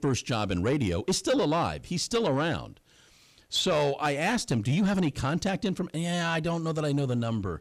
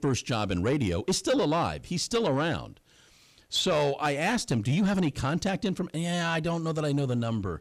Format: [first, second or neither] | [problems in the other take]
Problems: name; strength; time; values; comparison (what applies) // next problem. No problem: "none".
neither | distortion; slight; 10 dB below the speech; the same in both